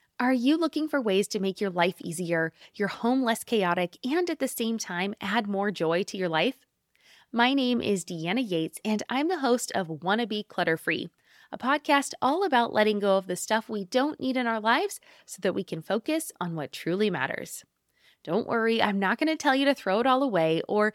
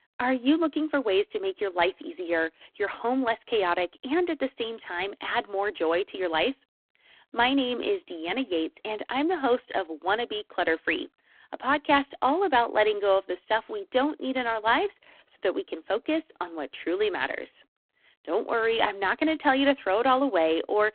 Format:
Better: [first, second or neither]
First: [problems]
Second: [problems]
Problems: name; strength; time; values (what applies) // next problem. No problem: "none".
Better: first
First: none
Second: phone-call audio; poor line